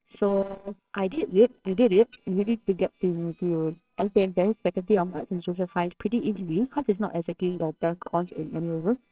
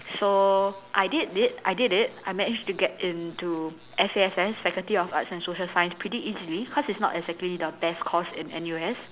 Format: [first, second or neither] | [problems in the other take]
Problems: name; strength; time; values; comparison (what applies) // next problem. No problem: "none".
second | noise reduction (neural separator model SepFormer WHAMR!)